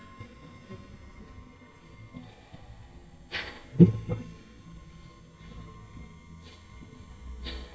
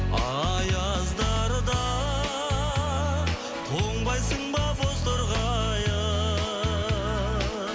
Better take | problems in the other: second | noise reduction (neural mask model DeepFilterNet 3)

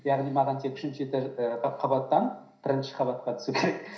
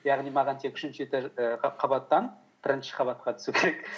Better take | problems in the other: second | room echo; dies away in 0.5 s

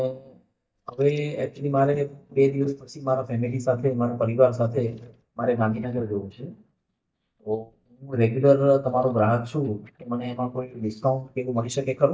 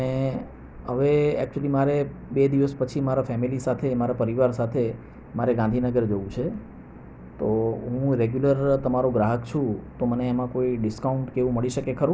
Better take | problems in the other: second | noise reduction (neural mask model DeepFilterNet 3)

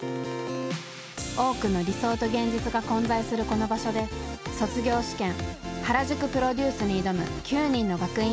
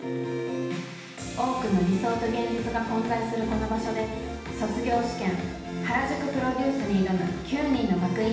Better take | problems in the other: first | room echo; dies away in 0.9 s

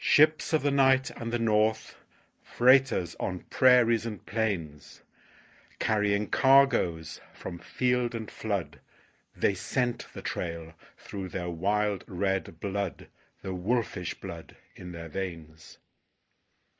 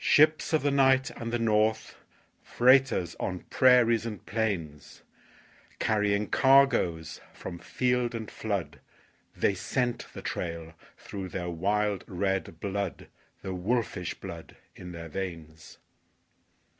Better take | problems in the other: second | noise reduction (neural mask model Resemble Enhance denoiser)

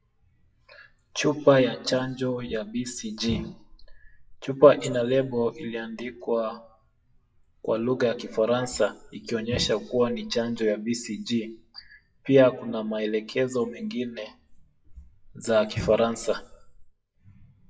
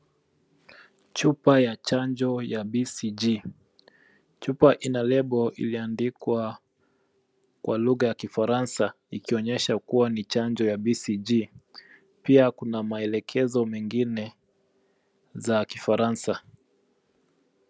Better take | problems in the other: second | noise reduction (classical method WPE with log-MMSE)

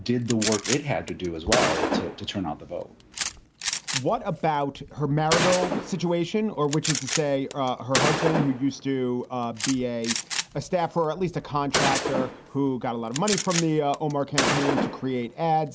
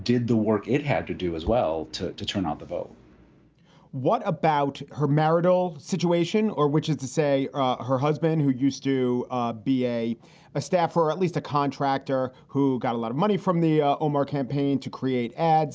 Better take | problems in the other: second | background sound (Gunshot, gunfire); 4 dB below the speech

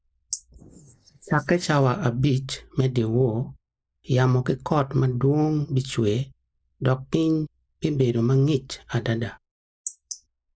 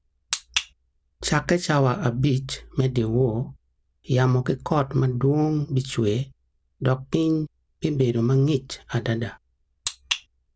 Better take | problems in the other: second | noise reduction (neural mask model Resemble Enhance denoiser)

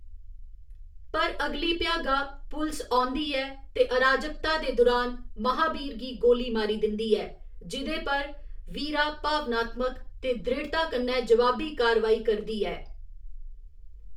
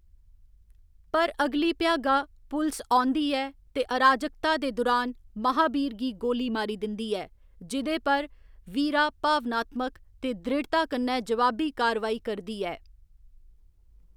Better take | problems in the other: second | room echo; dies away in 0.3 s

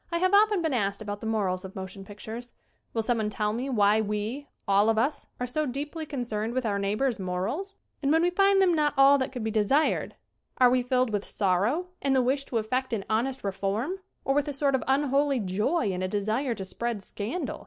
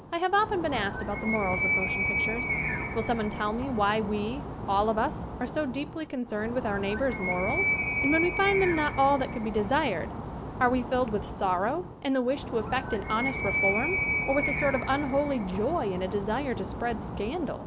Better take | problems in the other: first | background sound (Animal); 3 dB below the speech

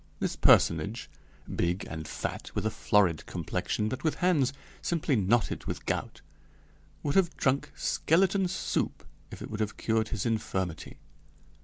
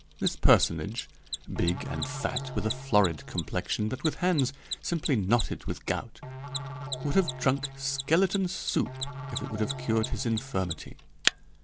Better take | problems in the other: first | background sound (Mechanisms + Musical instrument); 9 dB below the speech

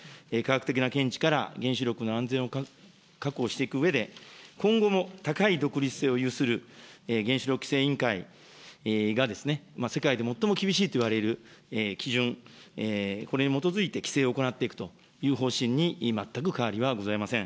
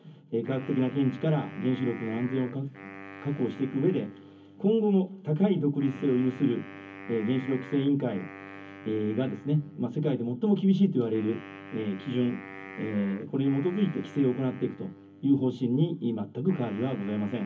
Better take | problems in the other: first | background sound (Wind instrument, woodwind instrument); 17 dB below the speech // room echo; dies away in 0.3 s

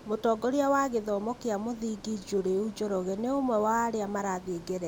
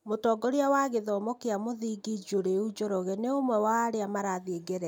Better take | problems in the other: second | background sound (Ocean); 20 dB below the speech

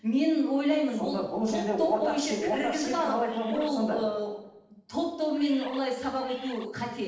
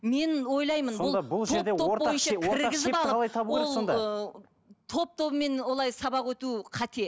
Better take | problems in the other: second | noise reduction (neural separator model SepFormer DNS4)

